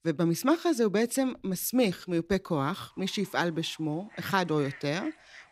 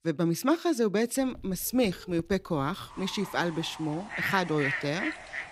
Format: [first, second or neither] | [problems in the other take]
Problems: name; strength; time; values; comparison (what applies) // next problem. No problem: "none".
first | animal sounds; loud; from 1 s on; 6 dB below the speech; faint in the first